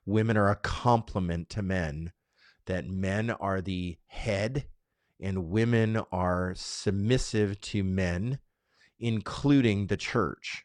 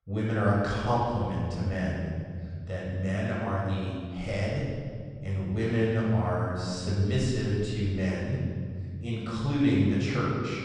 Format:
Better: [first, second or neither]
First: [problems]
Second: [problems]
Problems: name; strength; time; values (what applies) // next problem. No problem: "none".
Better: first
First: none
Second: off-mic speech; far // room echo; strong; dies away in 2.1 s